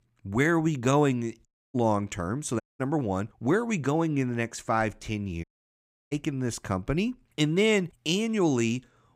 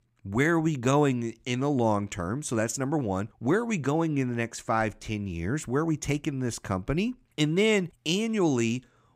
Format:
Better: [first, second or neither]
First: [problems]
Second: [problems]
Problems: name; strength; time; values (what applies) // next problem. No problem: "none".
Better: second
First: audio cutting out; at 1.5 s, at 2.5 s and at 5.5 s for 0.5 s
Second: none